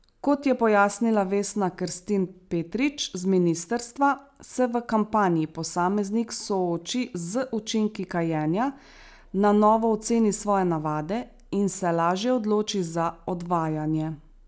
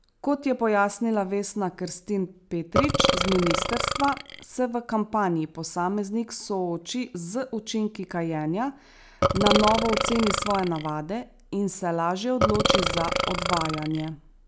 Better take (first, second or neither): first